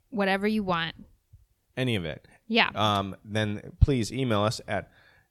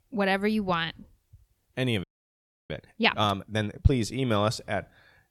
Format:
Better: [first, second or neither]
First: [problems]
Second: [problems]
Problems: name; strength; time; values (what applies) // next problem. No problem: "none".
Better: first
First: none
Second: audio freezing; at 2 s for 0.5 s